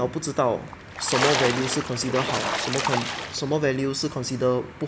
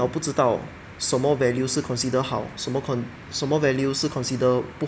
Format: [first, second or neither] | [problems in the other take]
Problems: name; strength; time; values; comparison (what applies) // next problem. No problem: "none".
second | background sound (Splash, splatter); 3 dB below the speech